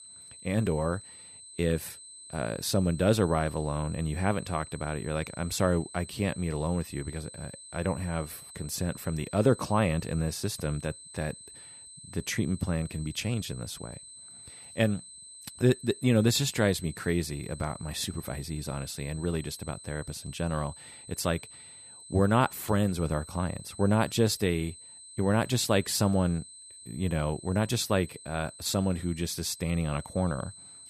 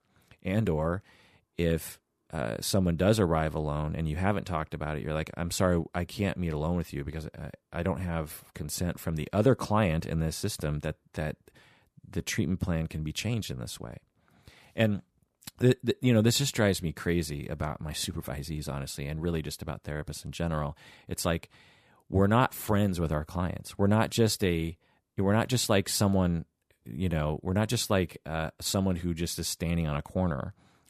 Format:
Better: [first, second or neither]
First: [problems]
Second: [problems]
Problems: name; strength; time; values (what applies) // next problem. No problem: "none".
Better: second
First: high-pitched whine; noticeable; throughout; 8.5 kHz, 15 dB below the speech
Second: none